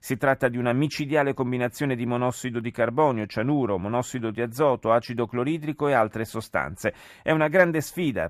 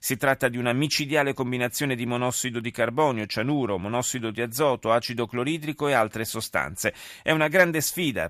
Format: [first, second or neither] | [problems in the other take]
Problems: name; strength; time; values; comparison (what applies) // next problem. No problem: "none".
second | muffled; slightly; fading above 2 kHz